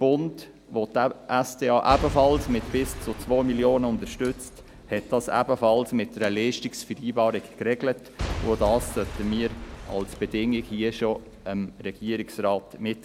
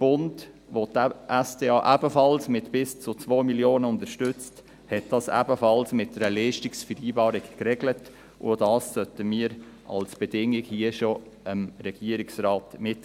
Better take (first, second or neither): second